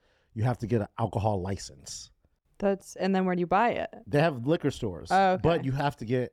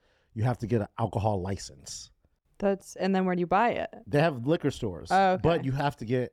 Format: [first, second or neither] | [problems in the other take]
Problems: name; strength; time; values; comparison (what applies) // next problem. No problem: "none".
neither | none